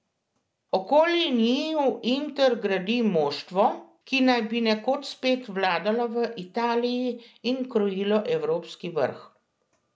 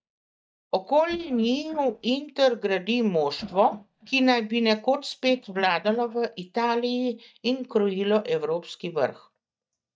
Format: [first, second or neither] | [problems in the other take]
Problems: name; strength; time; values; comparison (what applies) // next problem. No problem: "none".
first | noise reduction (neural mask model DeepFilterNet 3)